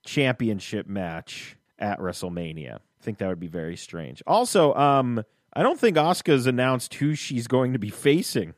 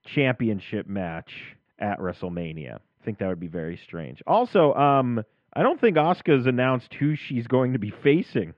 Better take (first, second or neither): first